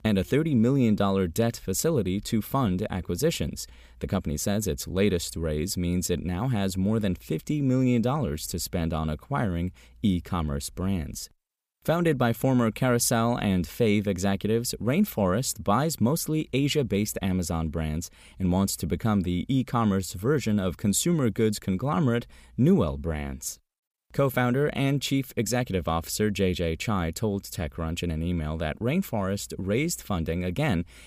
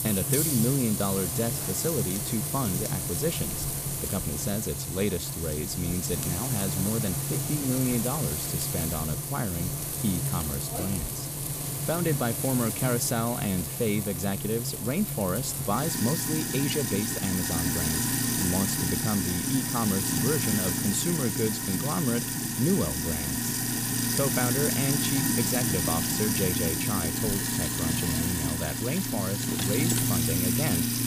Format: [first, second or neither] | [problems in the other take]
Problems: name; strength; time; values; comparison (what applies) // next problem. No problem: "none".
first | household noises; very loud; throughout; 3 dB above the speech